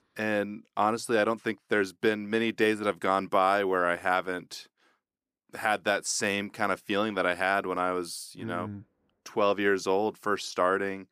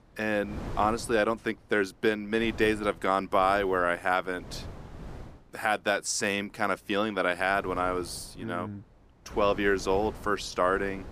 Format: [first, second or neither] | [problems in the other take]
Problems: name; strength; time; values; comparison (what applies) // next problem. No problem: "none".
first | wind noise on the microphone; occasional gusts; 20 dB below the speech